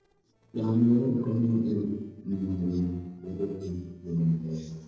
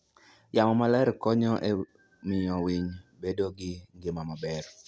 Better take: second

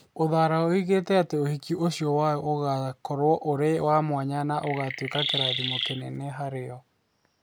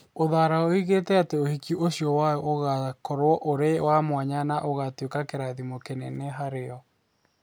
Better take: second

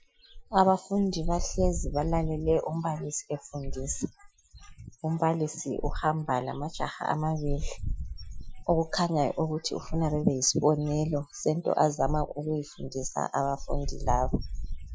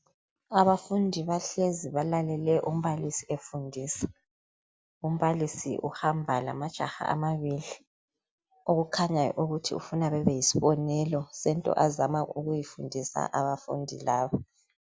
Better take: second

